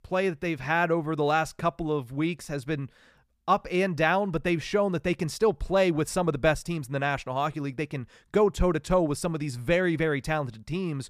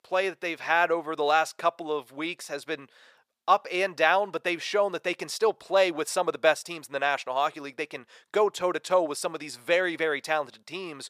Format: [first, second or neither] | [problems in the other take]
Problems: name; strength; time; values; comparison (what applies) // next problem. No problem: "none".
first | thin; very; fading below 550 Hz